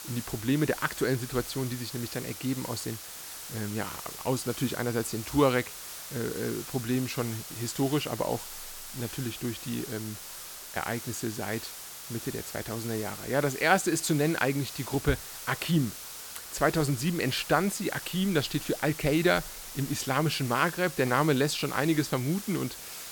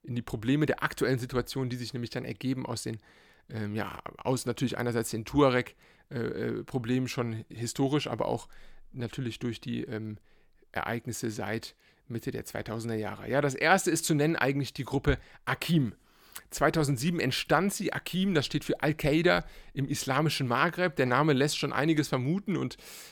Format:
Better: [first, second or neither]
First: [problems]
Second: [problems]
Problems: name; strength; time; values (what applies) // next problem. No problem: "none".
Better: second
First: hiss; loud; throughout; 10 dB below the speech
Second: none